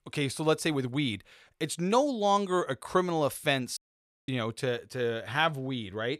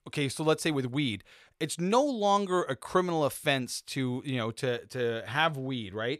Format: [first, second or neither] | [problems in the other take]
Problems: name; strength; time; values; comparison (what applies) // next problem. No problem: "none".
second | audio cutting out; at 4 s for 0.5 s